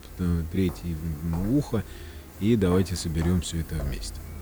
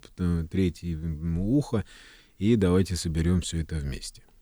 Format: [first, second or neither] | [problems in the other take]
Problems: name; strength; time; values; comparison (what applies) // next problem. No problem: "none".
second | footsteps; faint; peak 10 dB below the speech